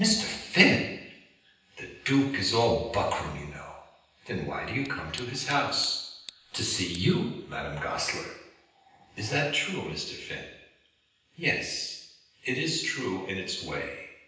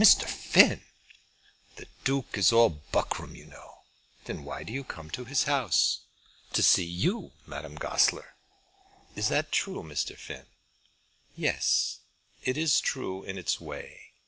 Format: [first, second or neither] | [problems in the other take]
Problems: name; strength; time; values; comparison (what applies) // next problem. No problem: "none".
second | background sound (Tick); 19 dB below the speech // room echo; dies away in 0.9 s